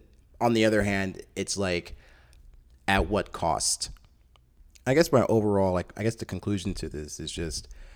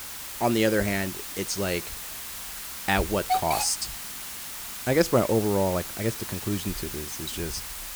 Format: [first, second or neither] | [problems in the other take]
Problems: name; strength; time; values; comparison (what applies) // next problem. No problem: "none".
first | hiss; loud; throughout; 6 dB below the speech